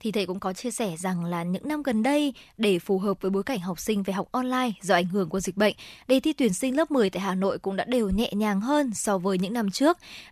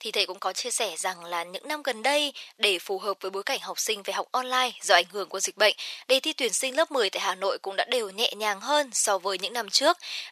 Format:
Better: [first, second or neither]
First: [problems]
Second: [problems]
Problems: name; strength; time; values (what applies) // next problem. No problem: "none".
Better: first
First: none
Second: thin; very; fading below 500 Hz